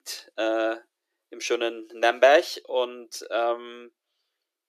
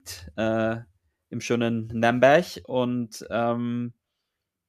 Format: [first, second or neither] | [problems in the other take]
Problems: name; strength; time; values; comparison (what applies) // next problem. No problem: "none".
second | thin; very; fading below 350 Hz